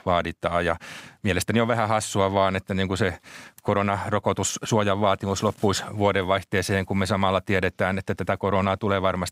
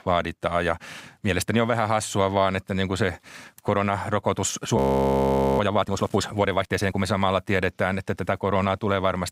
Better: first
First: none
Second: audio freezing; at 5 s for 1 s

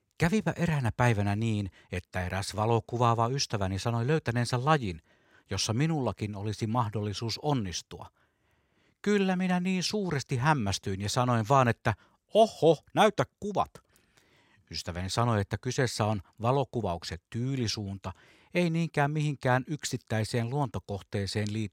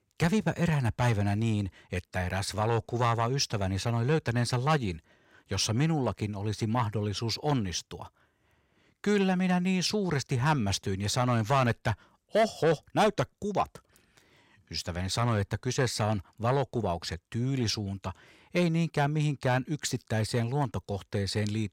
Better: first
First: none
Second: distortion; slight; 10 dB below the speech

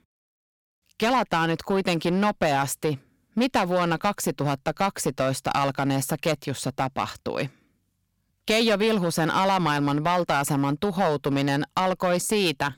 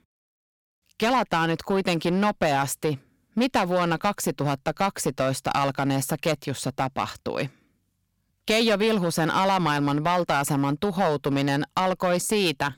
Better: neither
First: distortion; slight; 6% of the sound clipped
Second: distortion; slight; 6% of the sound clipped

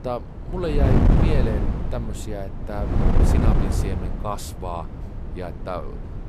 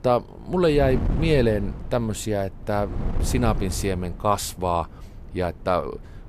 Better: second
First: wind noise on the microphone; heavy; 2 dB above the speech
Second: wind noise on the microphone; occasional gusts; 15 dB below the speech

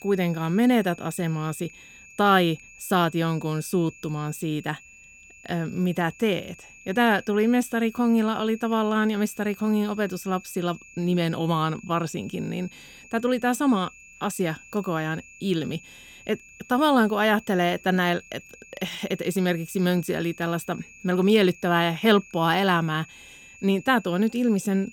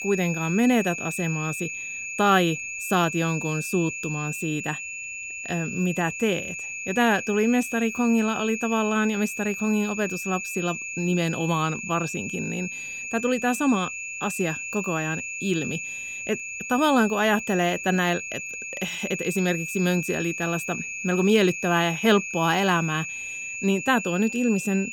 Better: first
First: high-pitched whine; faint; throughout; 2.5 kHz, 20 dB below the speech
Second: high-pitched whine; loud; throughout; 2.5 kHz, 6 dB below the speech

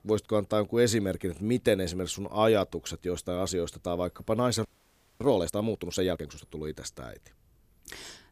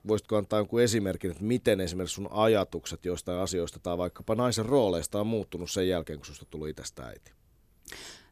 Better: second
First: audio freezing; at 4.5 s for 0.5 s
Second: none

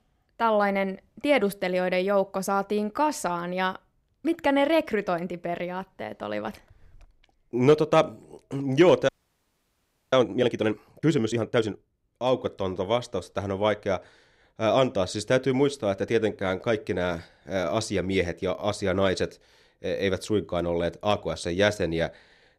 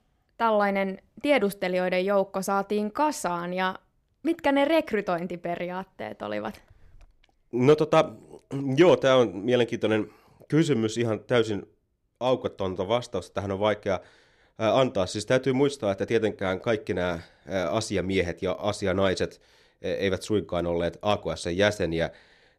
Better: second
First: audio freezing; at 9 s for 1 s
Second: none

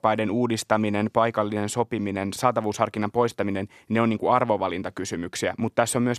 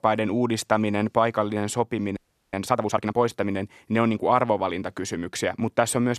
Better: first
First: none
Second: audio freezing; at 2 s

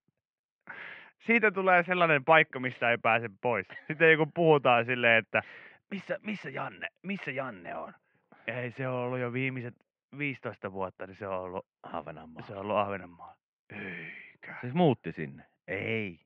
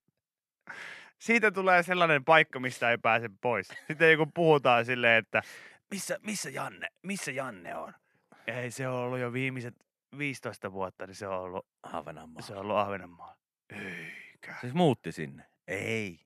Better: second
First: muffled; very; fading above 3 kHz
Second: none

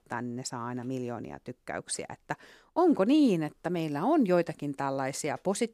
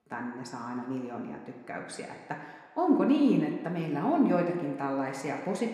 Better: first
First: none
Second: room echo; noticeable; dies away in 1.6 s // off-mic speech; somewhat distant

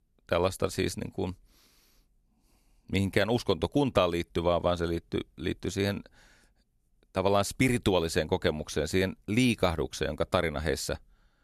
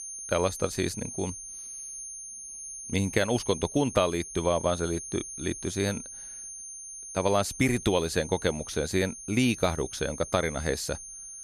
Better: first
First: none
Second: high-pitched whine; loud; throughout; 6.5 kHz, 10 dB below the speech

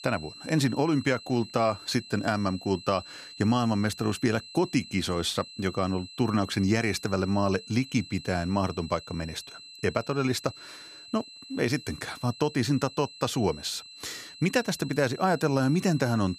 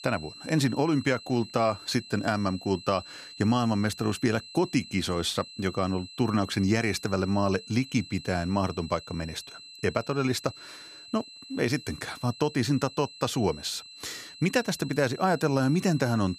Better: neither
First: high-pitched whine; noticeable; throughout; 4 kHz, 15 dB below the speech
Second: high-pitched whine; noticeable; throughout; 4 kHz, 15 dB below the speech

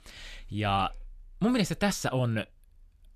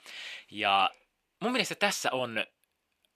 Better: first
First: none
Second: thin; somewhat; fading below 350 Hz

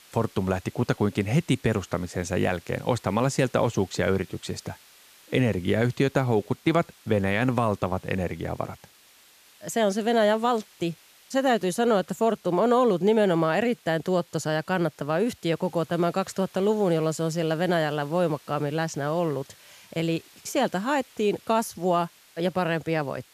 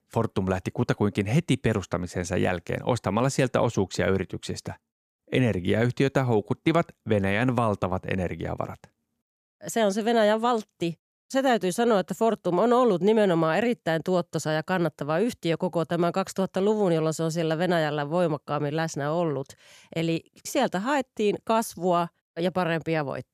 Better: second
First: hiss; faint; throughout; 25 dB below the speech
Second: none

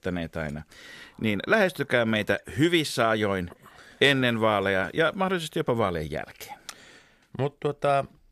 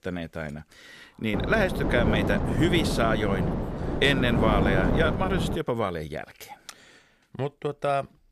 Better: first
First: none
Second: wind noise on the microphone; heavy; from 1.5 to 5.5 s; 4 dB below the speech

